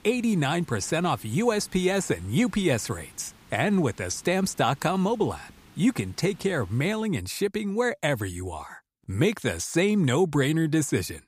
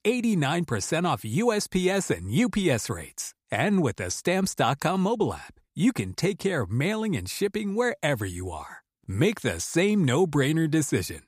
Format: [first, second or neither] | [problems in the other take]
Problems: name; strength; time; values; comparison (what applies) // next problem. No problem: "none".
second | hiss; faint; until 7 s; 25 dB below the speech